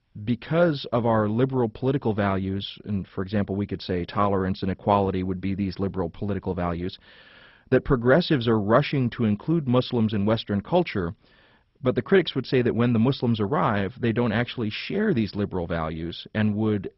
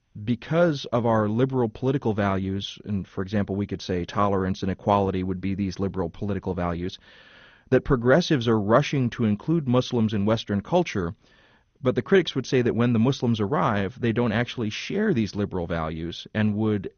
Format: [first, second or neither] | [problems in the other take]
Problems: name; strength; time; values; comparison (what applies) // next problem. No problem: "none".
second | garbled, watery; badly; nothing above 5.5 kHz; slightly in the second